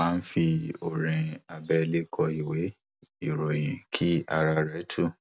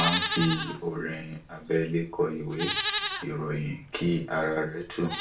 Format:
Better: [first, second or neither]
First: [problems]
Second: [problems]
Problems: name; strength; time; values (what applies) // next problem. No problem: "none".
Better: first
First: none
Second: background sound (Livestock, farm animals, working animals); 5 dB below the speech // room echo; dies away in 0.3 s